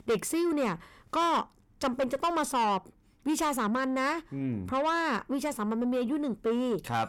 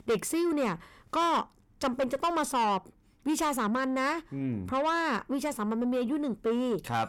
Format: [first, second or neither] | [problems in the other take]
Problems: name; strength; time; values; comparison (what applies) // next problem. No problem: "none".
neither | distortion; heavy; 8 dB below the speech; the same in both